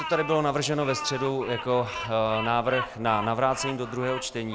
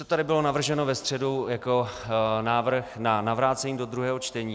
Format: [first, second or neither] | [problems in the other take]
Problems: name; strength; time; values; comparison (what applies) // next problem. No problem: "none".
second | background sound (Bird vocalization, bird call, bird song); 10 dB below the speech